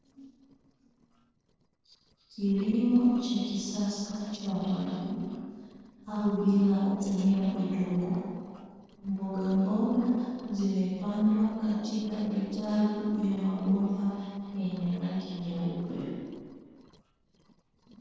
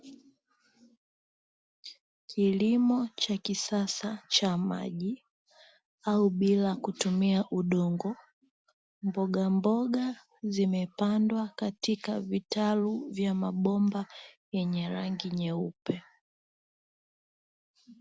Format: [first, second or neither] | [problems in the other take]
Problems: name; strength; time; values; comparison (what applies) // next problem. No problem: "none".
second | noise reduction (neural separator model SepFormer DNS4)